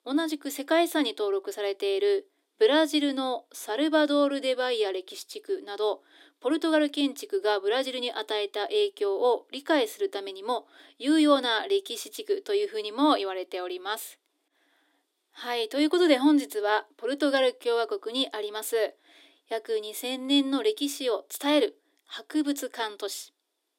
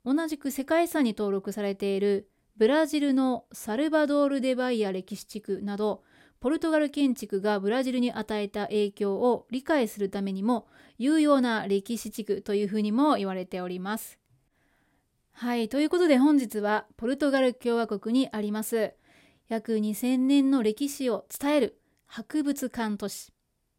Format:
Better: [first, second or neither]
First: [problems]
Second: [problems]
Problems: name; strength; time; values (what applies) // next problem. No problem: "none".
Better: second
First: thin; very slightly; fading below 300 Hz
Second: none